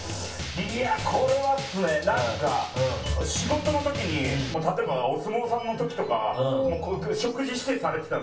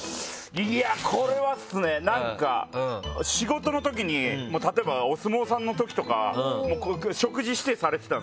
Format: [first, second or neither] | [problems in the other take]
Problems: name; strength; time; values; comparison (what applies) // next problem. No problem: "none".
second | background sound (Drum); 11 dB below the speech // room echo; dies away in 0.4 s